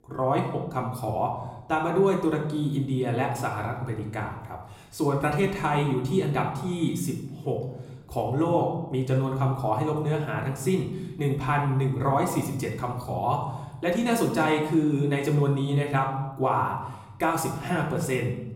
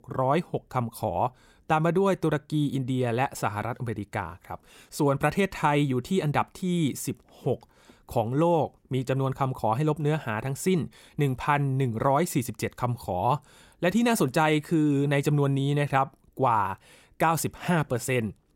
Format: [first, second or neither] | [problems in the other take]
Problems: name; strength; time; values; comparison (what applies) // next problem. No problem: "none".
second | room echo; slight; dies away in 0.9 s // off-mic speech; far